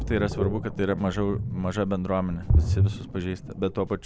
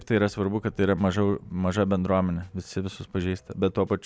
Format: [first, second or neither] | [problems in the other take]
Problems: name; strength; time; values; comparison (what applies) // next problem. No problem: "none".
second | background sound (Ocean); as loud as the speech